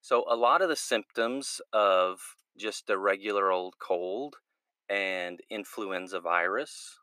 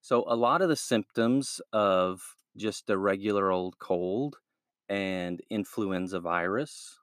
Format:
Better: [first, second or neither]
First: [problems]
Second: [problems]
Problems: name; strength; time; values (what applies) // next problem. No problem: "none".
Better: second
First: thin; somewhat; fading below 550 Hz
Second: none